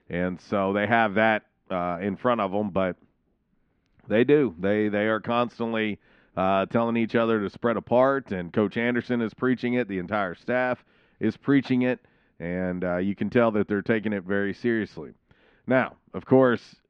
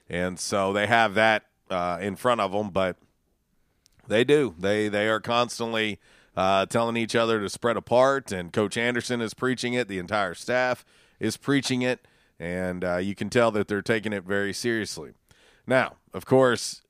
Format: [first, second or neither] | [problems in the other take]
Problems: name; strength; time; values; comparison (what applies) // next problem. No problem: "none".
second | muffled; very; fading above 2.5 kHz